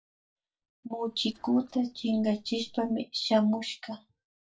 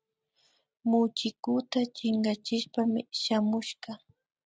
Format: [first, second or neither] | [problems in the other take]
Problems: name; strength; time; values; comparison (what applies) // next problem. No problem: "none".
second | noise reduction (neural mask model DeepFilterNet 3)